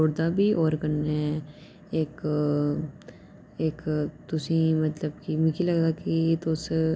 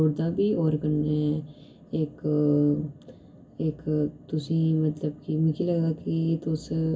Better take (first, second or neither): first